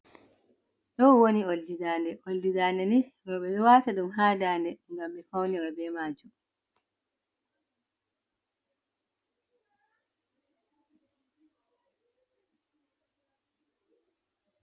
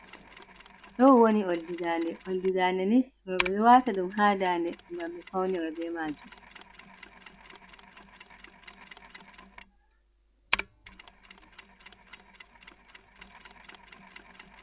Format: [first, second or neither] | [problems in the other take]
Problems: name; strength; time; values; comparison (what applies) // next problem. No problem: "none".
first | background sound (Mechanisms); 15 dB below the speech